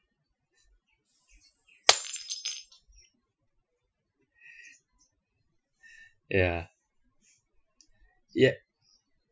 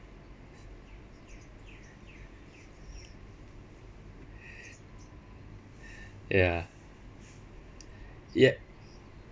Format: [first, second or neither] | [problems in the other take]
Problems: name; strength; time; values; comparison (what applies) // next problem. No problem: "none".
second | noise reduction (classical method Wiener filter)